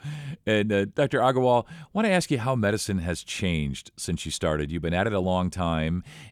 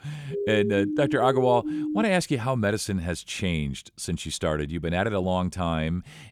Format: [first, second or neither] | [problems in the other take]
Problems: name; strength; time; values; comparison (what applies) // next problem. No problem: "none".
first | siren; noticeable; until 2 s; peak 3 dB below the speech